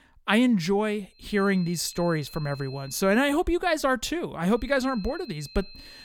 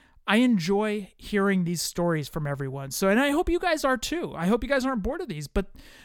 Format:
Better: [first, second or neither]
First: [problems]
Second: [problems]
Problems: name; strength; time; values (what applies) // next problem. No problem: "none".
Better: second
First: high-pitched whine; faint; from 1.5 to 3.5 s and from 4.5 s on; 4 kHz, 20 dB below the speech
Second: none